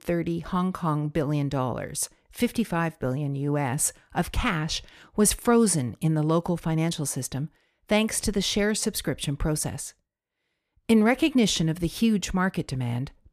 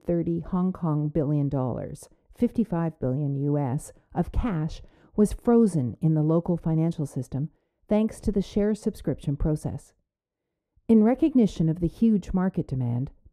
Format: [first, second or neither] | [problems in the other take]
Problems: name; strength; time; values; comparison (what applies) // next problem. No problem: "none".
first | muffled; very; fading above 1 kHz